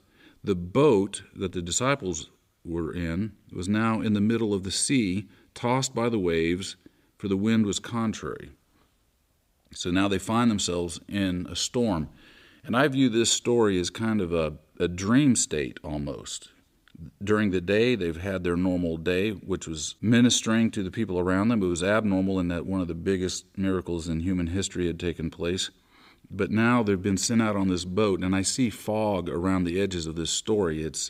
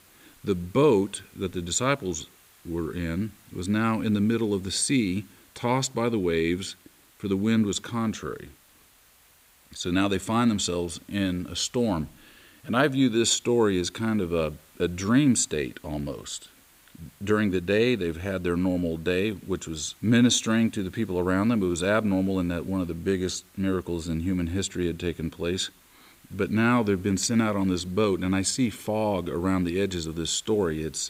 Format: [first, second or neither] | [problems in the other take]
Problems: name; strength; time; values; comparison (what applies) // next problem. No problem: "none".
first | hiss; faint; throughout; 30 dB below the speech